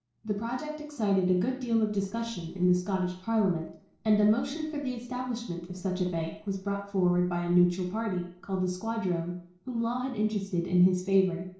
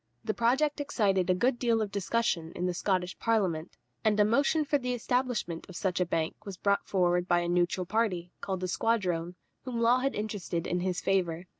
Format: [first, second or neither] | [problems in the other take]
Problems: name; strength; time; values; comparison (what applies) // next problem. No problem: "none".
second | noise reduction (neural separator model SepFormer DNS4)